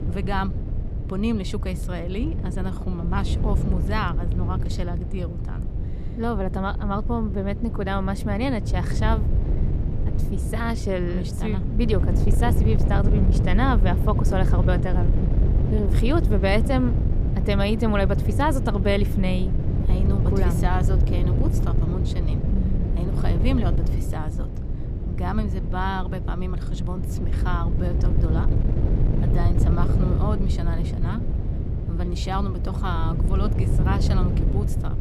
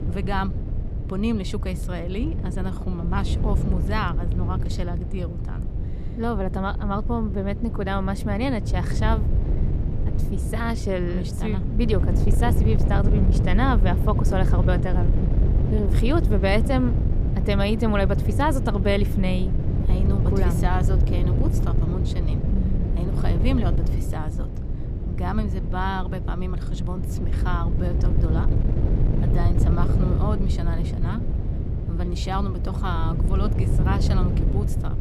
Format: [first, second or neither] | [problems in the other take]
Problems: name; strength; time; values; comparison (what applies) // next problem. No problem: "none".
neither | wind noise on the microphone; heavy; 6 dB below the speech; the same in both